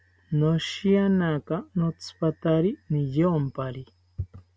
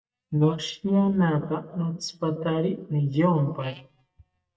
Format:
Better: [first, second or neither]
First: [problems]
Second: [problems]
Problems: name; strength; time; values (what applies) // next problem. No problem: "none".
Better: first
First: none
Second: noise reduction (neural mask model DeepFilterNet 3)